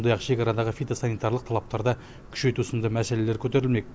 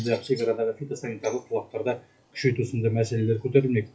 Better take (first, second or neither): first